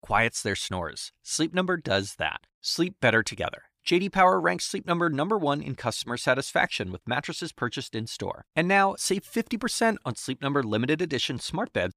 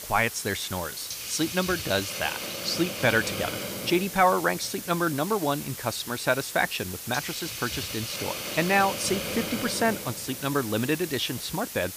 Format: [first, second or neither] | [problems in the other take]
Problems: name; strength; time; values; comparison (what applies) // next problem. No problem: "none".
first | hiss; loud; throughout; 6 dB below the speech